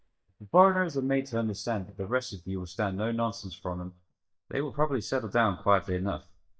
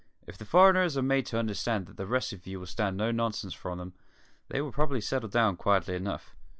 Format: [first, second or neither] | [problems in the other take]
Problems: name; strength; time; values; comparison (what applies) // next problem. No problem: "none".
second | noise reduction (neural mask model DeepFilterNet 3)